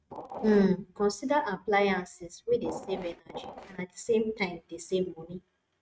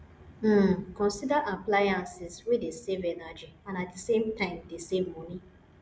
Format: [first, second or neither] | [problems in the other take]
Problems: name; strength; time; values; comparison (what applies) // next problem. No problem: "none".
second | noise reduction (neural mask model RNNoise)